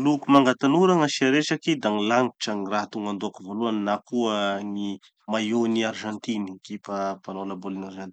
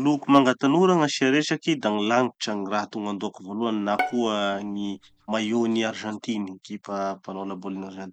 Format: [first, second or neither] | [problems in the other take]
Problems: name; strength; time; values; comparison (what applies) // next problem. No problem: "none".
first | background sound (Bowed string instrument); 10 dB below the speech